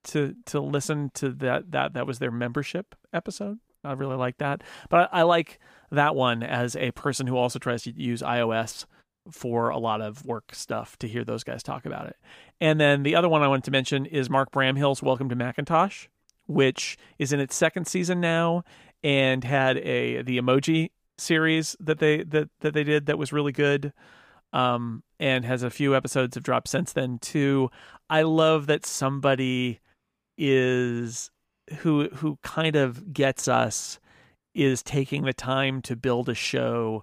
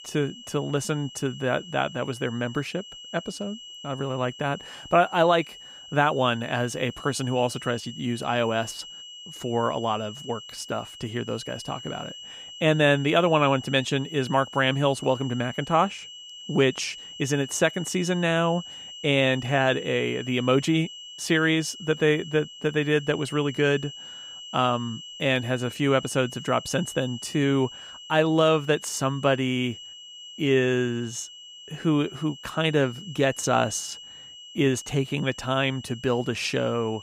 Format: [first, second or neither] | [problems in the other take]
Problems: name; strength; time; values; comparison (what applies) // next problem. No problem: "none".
first | high-pitched whine; noticeable; throughout; 3 kHz, 15 dB below the speech